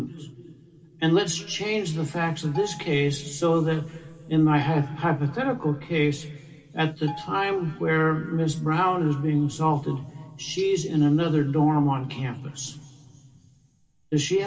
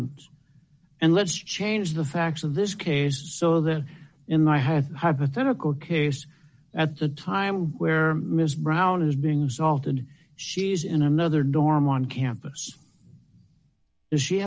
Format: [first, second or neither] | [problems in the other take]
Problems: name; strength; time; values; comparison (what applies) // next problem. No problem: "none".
second | background sound (Marimba, xylophone); 19 dB below the speech // room echo; dies away in 2.7 s